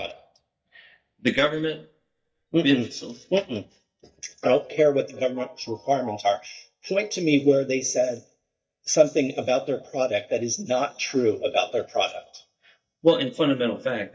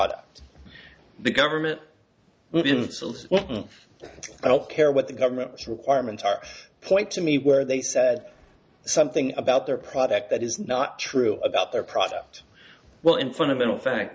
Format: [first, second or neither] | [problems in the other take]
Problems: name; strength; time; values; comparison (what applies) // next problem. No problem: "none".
second | noise reduction (neural mask model DeepFilterNet 3)